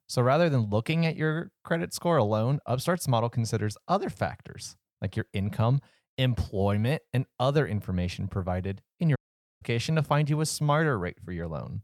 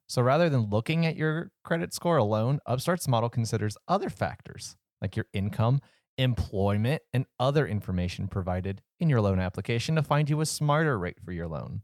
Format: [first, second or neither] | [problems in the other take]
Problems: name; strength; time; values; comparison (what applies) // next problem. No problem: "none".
second | audio cutting out; at 9 s